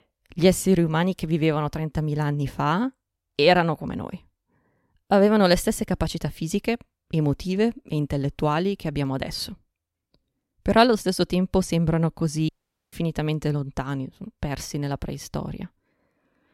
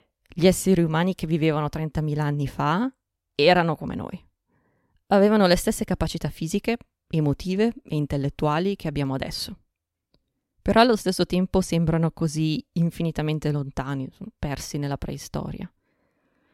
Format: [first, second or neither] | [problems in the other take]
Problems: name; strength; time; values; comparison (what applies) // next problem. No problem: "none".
second | audio cutting out; at 12 s